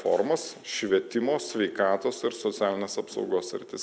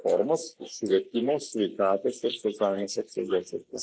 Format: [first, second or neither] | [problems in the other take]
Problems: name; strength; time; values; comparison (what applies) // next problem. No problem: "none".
first | noise reduction (neural mask model Resemble Enhance denoiser)